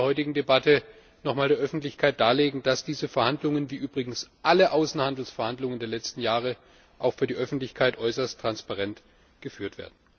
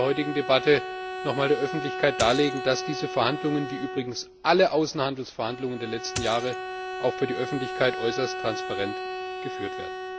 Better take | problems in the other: first | background sound (Bowed string instrument + Coin (dropping)); 7 dB below the speech

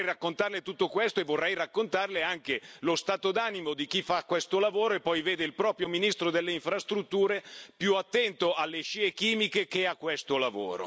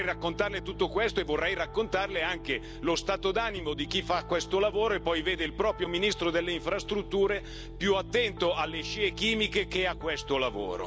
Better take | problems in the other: first | background sound (Piano); 12 dB below the speech

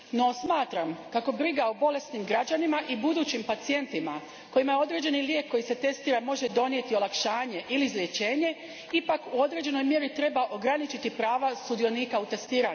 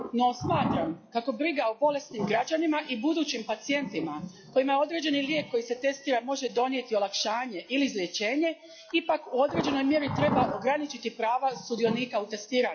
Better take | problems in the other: first | noise reduction (classical method log-MMSE)

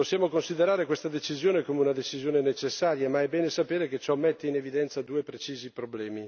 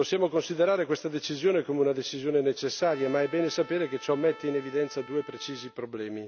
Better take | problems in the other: first | background sound (Trumpet); 20 dB below the speech

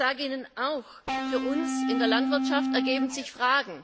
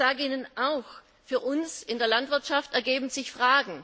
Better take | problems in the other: second | background sound (Electric guitar / Bass guitar); 2 dB above the speech

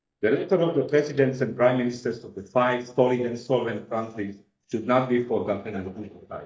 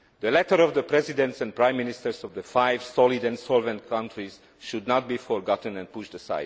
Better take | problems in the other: second | noise reduction (neural mask model DeepFilterNet 3)

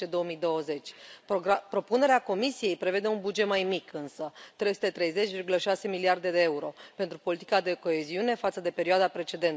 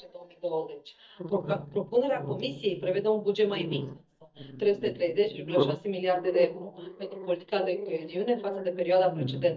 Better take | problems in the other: first | noise reduction (neural mask model DeepFilterNet 3)

